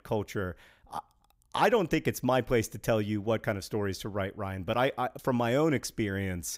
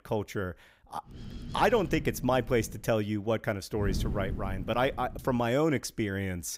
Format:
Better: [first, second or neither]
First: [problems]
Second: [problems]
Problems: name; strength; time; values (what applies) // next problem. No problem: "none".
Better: first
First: none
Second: wind noise on the microphone; occasional gusts; from 1 to 3 s and from 4 to 5.5 s; 20 dB below the speech